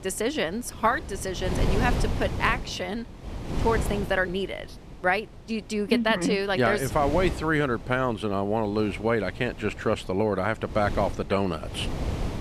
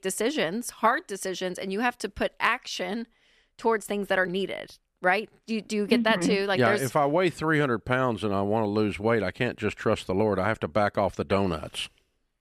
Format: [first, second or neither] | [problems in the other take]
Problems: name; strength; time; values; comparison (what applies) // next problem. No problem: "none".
second | wind noise on the microphone; occasional gusts; 10 dB below the speech